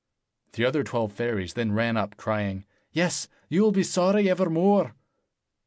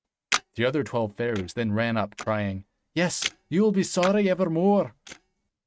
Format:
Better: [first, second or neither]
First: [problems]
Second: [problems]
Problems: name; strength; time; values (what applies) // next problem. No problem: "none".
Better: first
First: none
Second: noise reduction (neural mask model RNNoise)